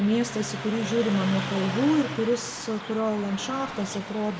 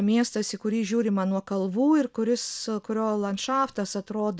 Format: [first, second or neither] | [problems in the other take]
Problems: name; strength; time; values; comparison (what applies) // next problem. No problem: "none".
second | background sound (Car passing by); 8 dB below the speech // room echo; dies away in 0.7 s